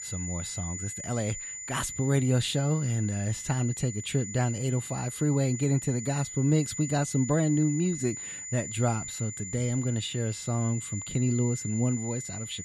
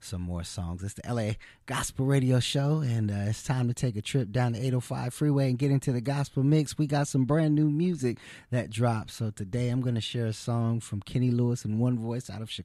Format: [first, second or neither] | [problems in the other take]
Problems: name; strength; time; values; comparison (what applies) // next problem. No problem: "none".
second | high-pitched whine; loud; throughout; 7 kHz, 8 dB below the speech